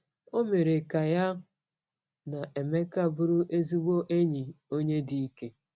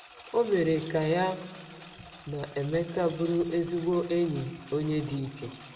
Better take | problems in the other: first | background sound (Engine); 20 dB below the speech // room echo; dies away in 1.2 s

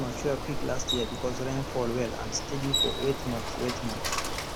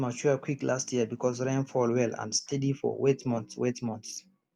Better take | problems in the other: second | background sound (Bicycle); as loud as the speech

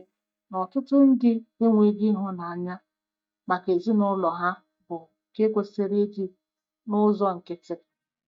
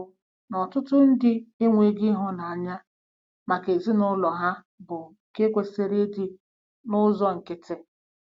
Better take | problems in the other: second | noise reduction (neural mask model DeepFilterNet 3)

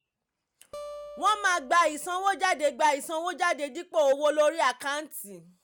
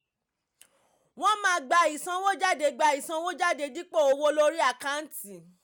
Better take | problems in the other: second | background sound (Acoustic guitar); 20 dB below the speech

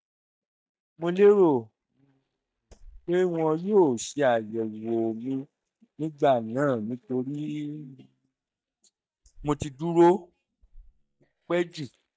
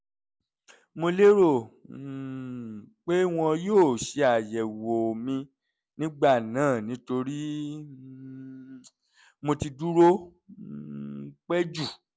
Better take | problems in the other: second | noise reduction (neural mask model DeepFilterNet 3)

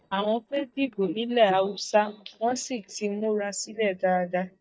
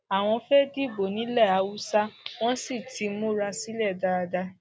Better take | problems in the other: second | noise reduction (neural mask model DeepFilterNet 3)

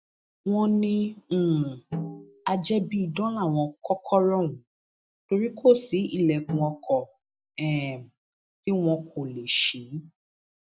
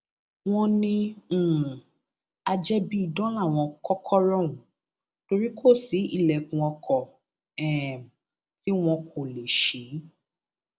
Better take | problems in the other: second | noise reduction (classical method Wiener filter)

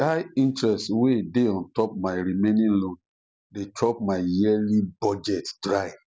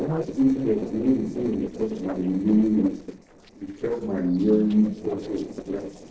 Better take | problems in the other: first | noise reduction (neural separator model SepFormer DNS4)

